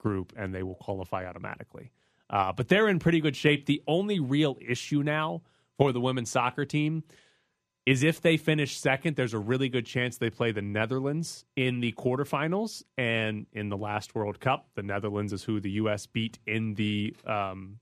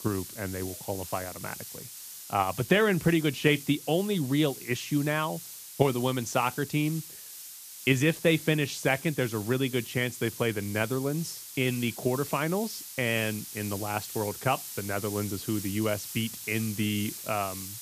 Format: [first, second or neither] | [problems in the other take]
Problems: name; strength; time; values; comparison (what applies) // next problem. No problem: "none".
first | hiss; noticeable; throughout; 10 dB below the speech